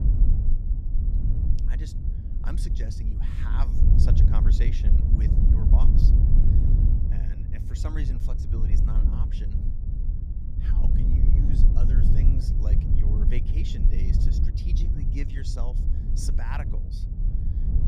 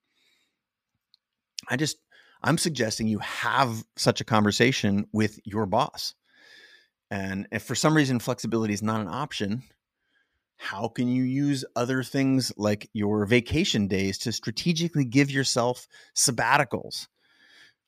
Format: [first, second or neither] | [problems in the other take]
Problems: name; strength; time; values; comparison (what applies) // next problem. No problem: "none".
second | wind noise on the microphone; heavy; 2 dB above the speech